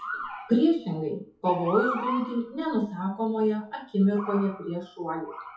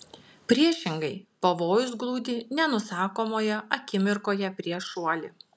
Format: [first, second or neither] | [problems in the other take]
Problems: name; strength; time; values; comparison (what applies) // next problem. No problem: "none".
second | noise reduction (classical method WPE with log-MMSE)